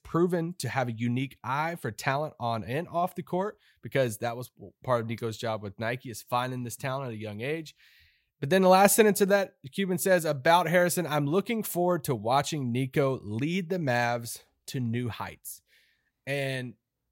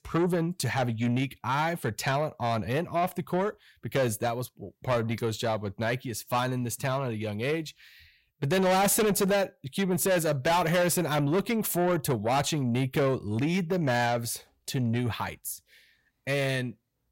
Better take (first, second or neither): first